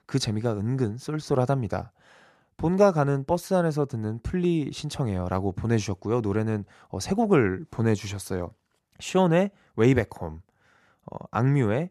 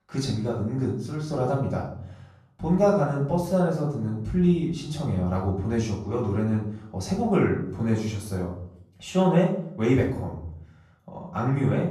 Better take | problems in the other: first | room echo; noticeable; dies away in 0.6 s // off-mic speech; far

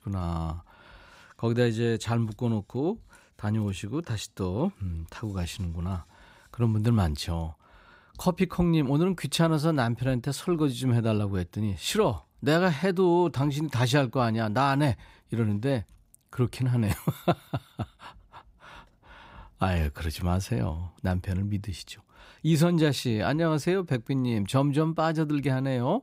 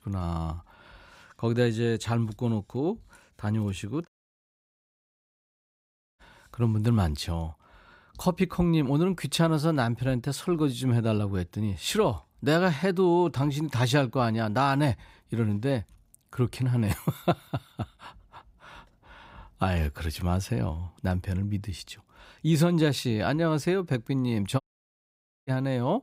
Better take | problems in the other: first | audio cutting out; at 4 s for 2 s and at 25 s for 1 s

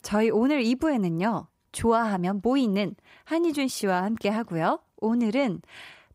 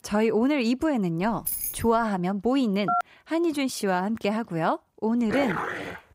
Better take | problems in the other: first | jangling keys; noticeable; at 1.5 s; peak 2 dB below the speech // phone ringing; noticeable; at 3 s; peak 2 dB below the speech // dog barking; noticeable; at 5.5 s; peak 4 dB below the speech

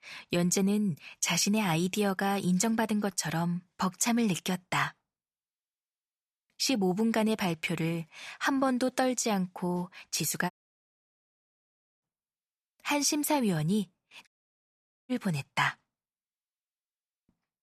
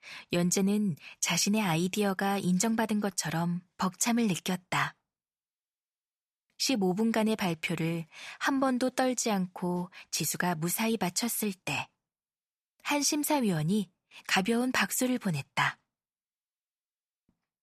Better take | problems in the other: second | audio cutting out; at 11 s for 1.5 s and at 14 s for 1 s

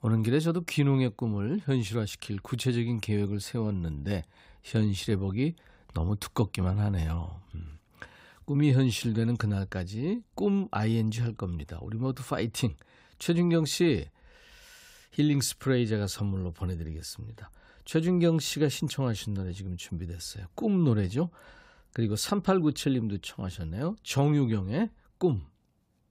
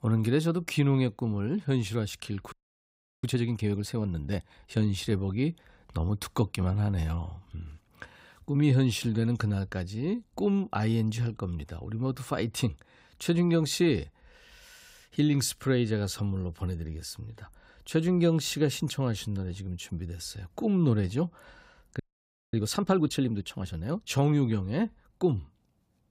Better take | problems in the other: first | audio freezing; at 2.5 s for 0.5 s and at 22 s for 0.5 s

